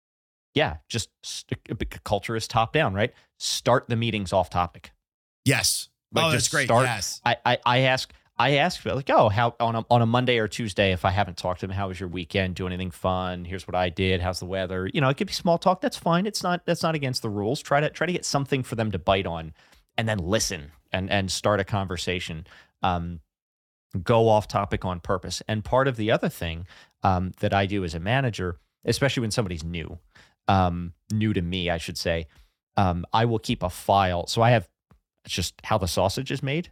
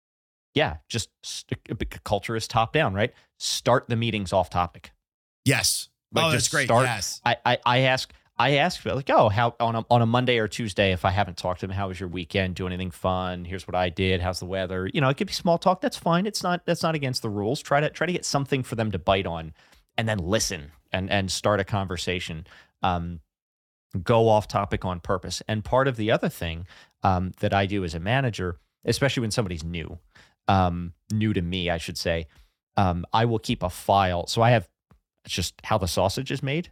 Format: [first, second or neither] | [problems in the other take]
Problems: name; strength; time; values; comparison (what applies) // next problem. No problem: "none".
neither | none